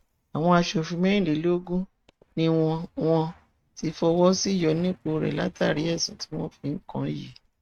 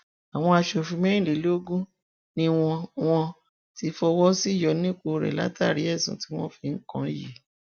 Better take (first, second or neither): second